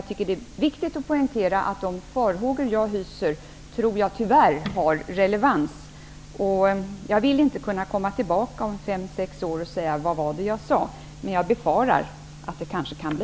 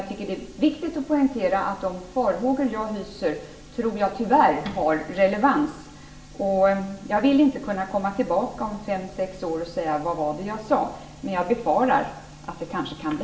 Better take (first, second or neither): first